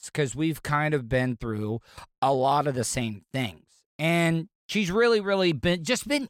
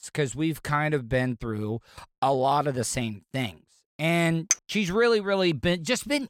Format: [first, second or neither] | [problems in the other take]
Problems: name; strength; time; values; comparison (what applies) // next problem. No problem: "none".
first | clattering dishes; very faint; at 4.5 s; peak level with the speech